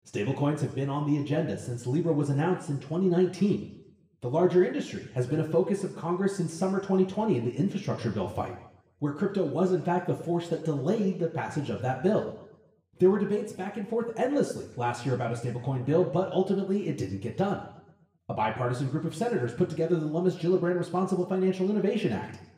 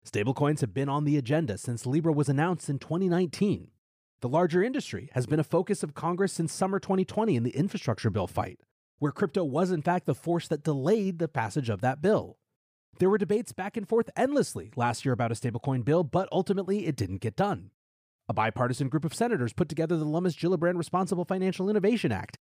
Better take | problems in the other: second | room echo; slight; dies away in 0.8 s // off-mic speech; somewhat distant

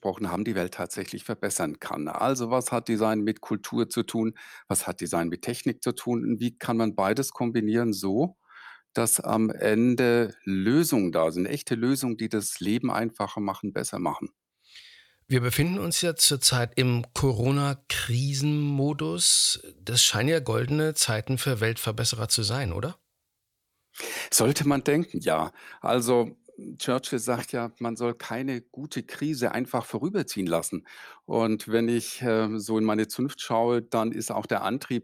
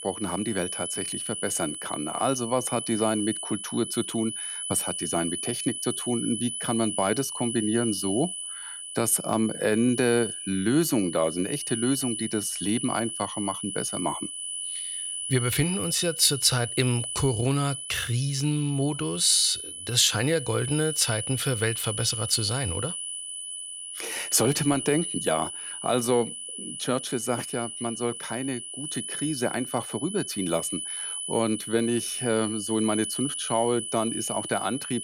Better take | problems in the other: first | high-pitched whine; loud; throughout; 10 kHz, 5 dB below the speech

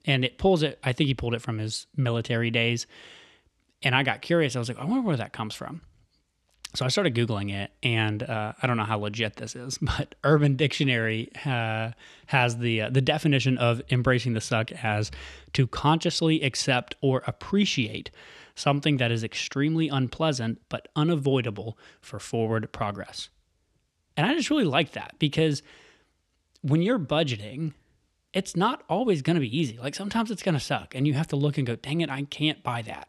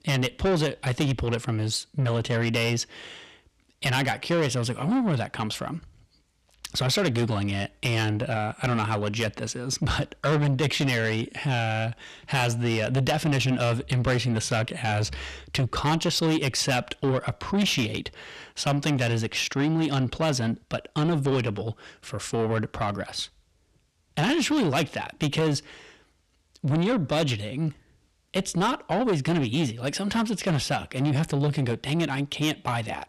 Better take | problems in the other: first | distortion; heavy; 7 dB below the speech

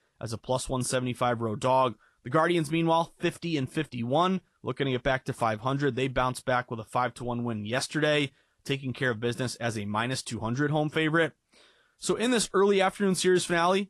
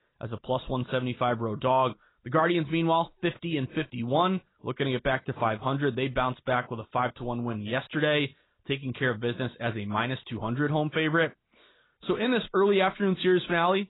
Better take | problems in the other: first | garbled, watery; badly; nothing above 4 kHz; slightly in the first

